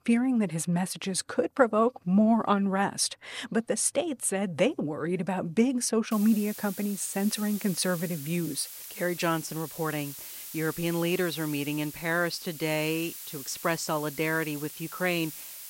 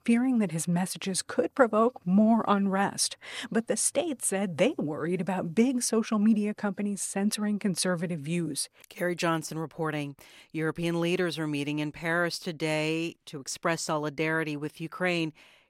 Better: second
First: hiss; noticeable; from 6 s on; 10 dB below the speech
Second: none

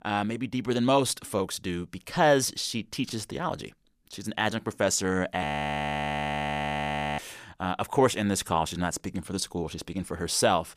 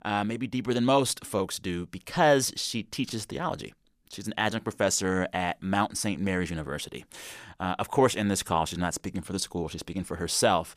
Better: second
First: audio freezing; at 5.5 s for 2 s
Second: none

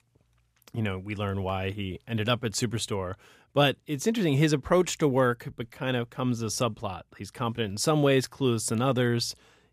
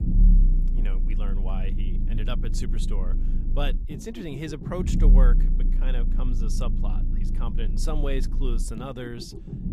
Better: first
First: none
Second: low rumble; loud; throughout; 6 dB below the speech

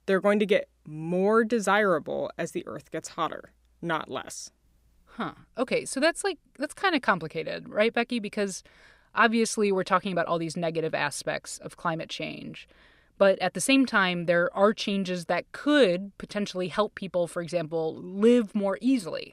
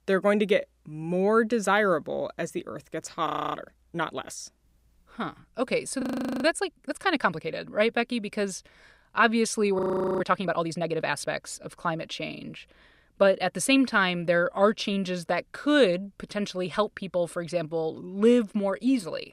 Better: first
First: none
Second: audio freezing; at 3.5 s, at 6 s and at 10 s

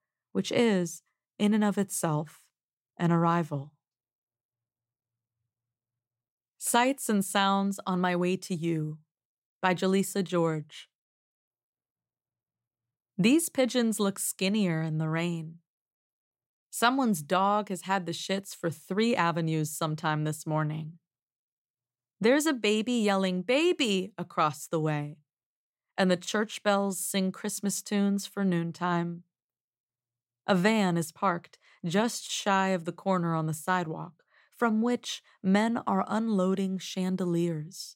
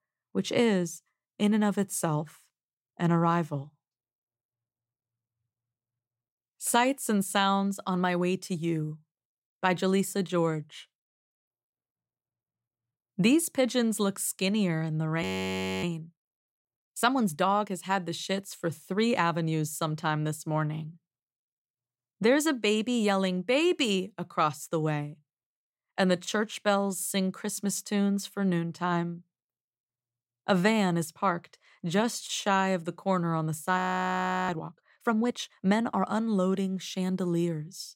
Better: first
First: none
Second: audio freezing; at 15 s for 0.5 s and at 34 s for 0.5 s

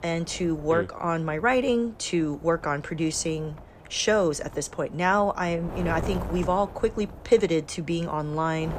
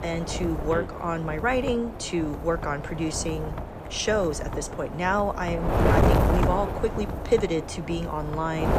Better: first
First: wind noise on the microphone; occasional gusts; 15 dB below the speech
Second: wind noise on the microphone; heavy; 4 dB below the speech

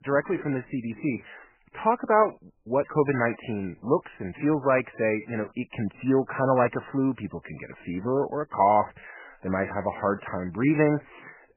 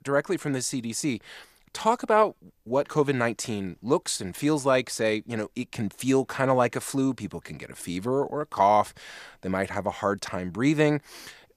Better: second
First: garbled, watery; badly; nothing above 2.5 kHz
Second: none

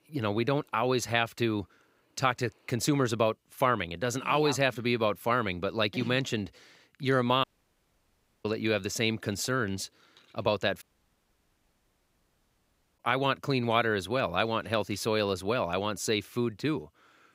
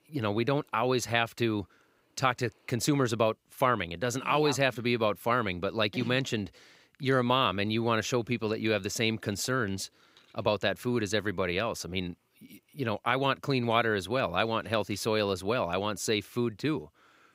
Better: second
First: audio cutting out; at 7.5 s for 1 s and at 11 s for 2 s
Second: none

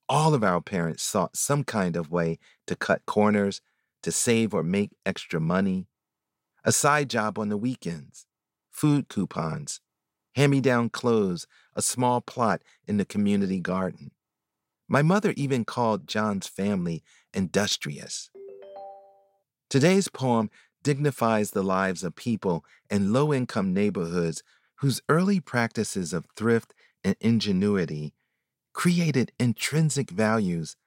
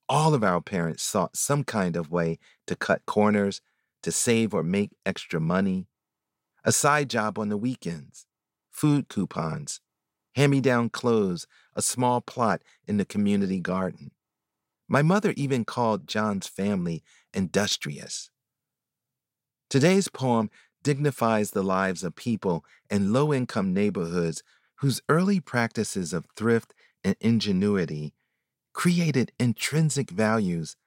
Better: second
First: phone ringing; faint; at 18 s; peak 15 dB below the speech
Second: none

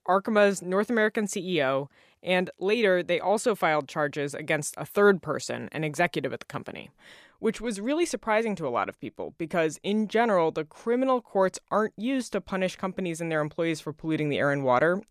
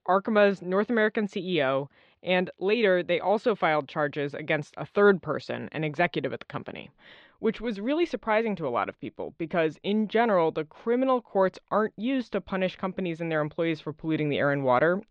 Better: first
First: none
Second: muffled; slightly; fading above 3.5 kHz

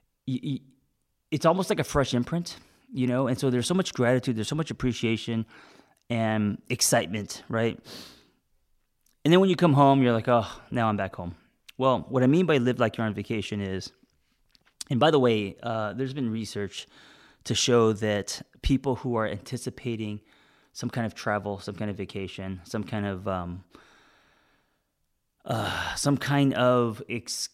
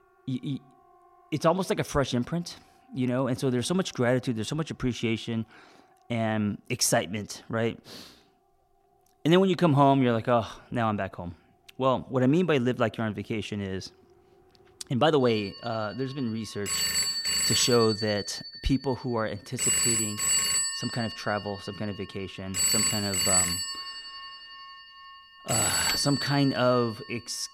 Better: first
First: none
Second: alarms or sirens; very loud; throughout; 2 dB above the speech

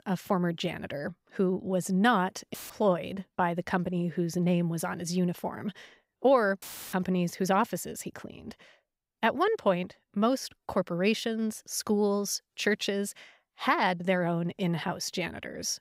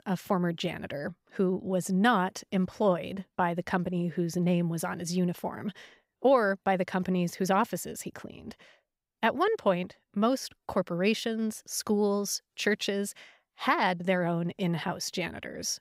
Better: second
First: audio cutting out; filled with static; at 2.5 s and at 6.5 s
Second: none

